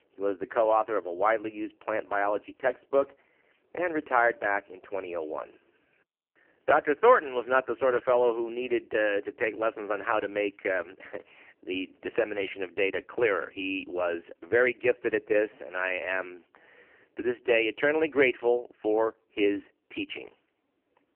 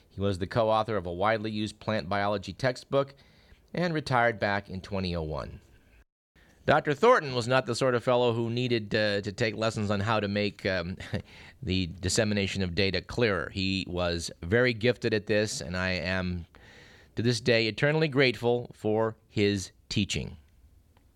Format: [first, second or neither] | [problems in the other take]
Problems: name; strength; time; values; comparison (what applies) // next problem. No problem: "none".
second | phone-call audio; poor line; nothing above 3 kHz